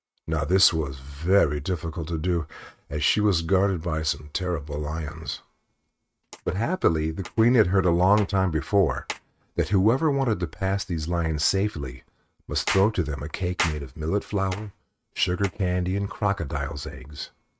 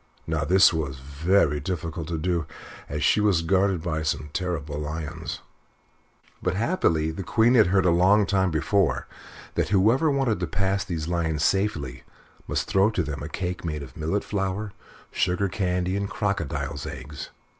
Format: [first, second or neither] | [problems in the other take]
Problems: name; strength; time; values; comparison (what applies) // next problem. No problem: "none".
second | noise reduction (neural mask model RNNoise)